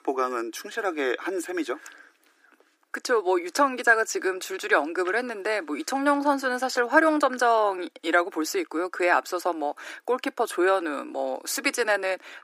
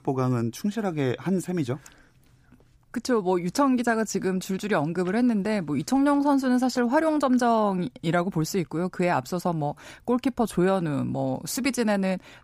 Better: second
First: thin; somewhat; fading below 300 Hz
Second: none

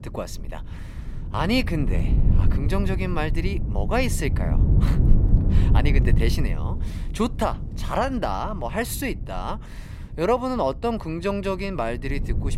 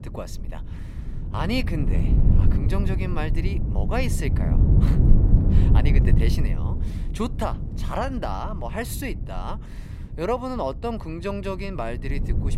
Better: first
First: wind noise on the microphone; occasional gusts; 10 dB below the speech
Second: wind noise on the microphone; heavy; 5 dB below the speech

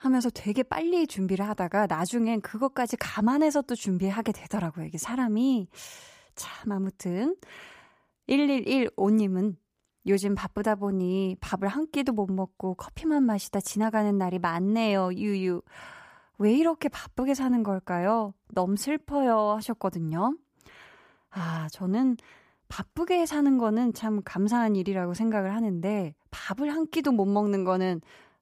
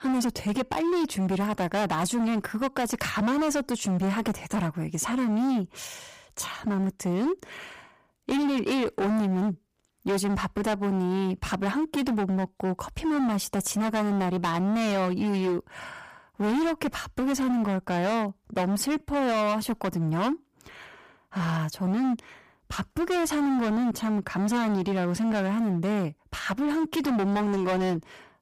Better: first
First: none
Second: distortion; heavy; 26% of the sound clipped

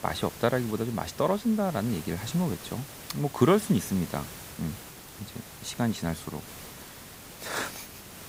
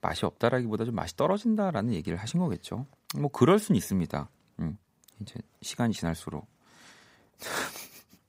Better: second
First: hiss; noticeable; throughout; 15 dB below the speech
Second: none

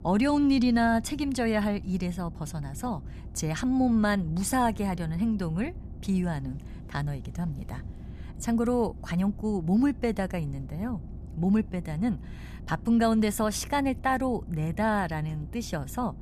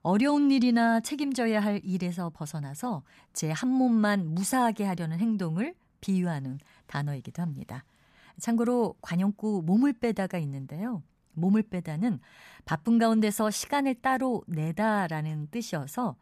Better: second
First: low rumble; faint; throughout; 25 dB below the speech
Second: none

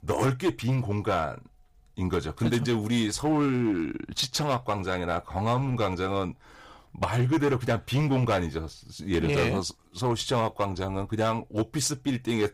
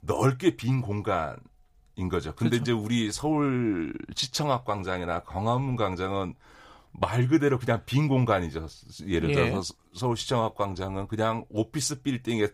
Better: second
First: distortion; slight; 8% of the sound clipped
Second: none

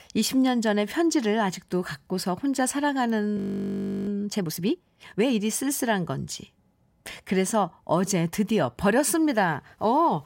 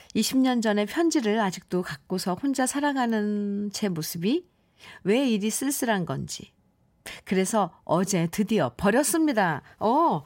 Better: second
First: audio freezing; at 3.5 s for 0.5 s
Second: none

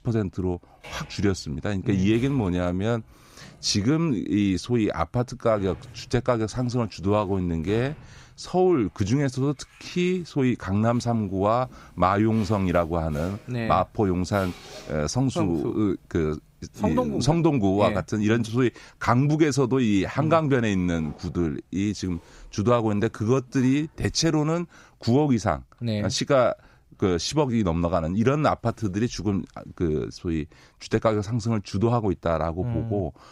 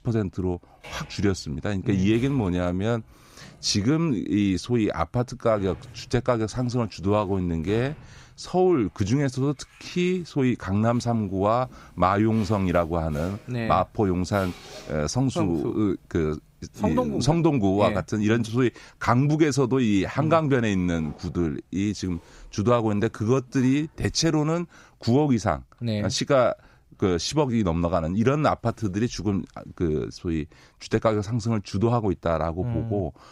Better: neither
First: household noises; faint; throughout; 25 dB below the speech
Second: household noises; faint; throughout; 25 dB below the speech

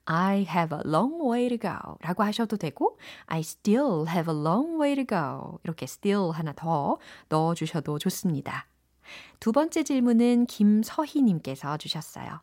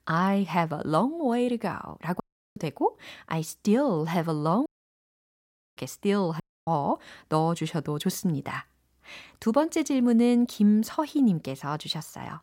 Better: first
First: none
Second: audio cutting out; at 2 s, at 4.5 s for 1 s and at 6.5 s

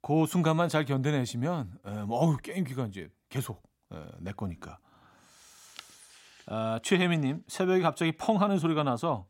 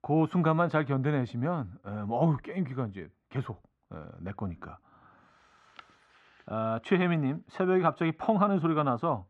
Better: first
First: none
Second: muffled; very; fading above 2 kHz

